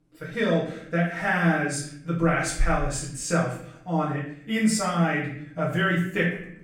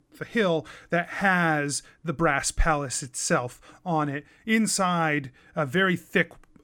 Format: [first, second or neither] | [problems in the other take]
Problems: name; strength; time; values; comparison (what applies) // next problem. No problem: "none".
second | room echo; noticeable; dies away in 0.6 s // off-mic speech; far